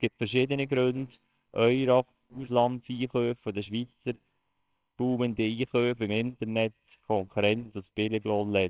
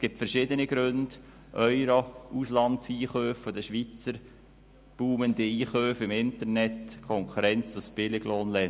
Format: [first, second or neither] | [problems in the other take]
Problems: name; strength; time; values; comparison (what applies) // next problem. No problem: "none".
second | noise reduction (neural separator model SepFormer WHAMR!)